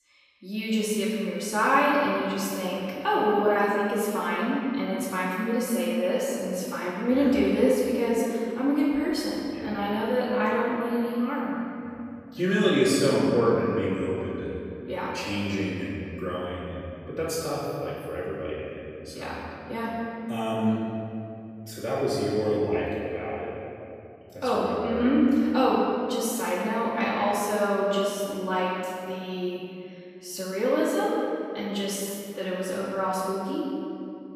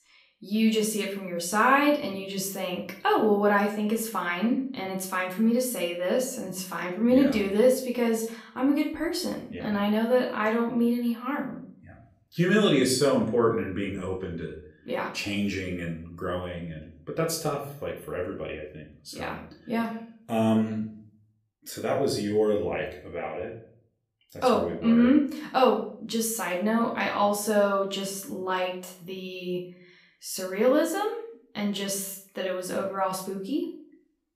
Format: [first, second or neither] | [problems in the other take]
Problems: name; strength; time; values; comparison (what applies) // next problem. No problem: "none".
second | room echo; strong; dies away in 2.5 s; slight in the second // off-mic speech; far; far in the second